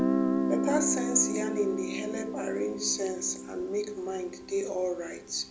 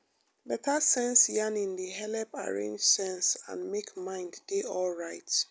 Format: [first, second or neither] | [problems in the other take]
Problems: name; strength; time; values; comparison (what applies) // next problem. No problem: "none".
second | background sound (Guitar); 1 dB below the speech // room echo; dies away in 0.4 s